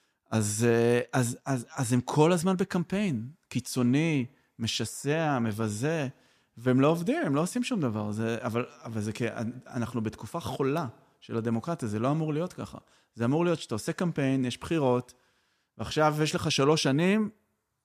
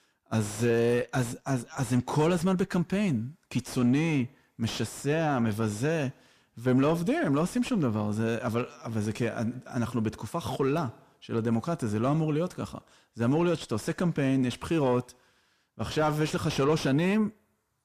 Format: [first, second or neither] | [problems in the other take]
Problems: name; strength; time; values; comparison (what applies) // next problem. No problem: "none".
first | distortion; slight; 10 dB below the speech